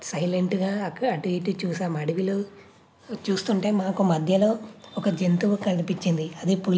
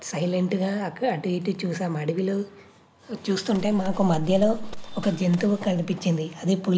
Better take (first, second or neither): first